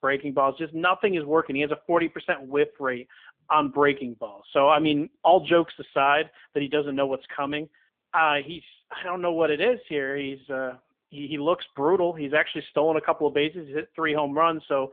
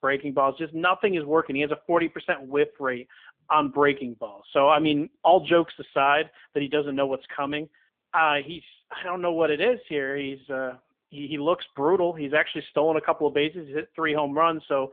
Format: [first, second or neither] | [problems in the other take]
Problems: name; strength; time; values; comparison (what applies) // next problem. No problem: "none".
neither | phone-call audio; poor line; nothing above 3.5 kHz; the same in both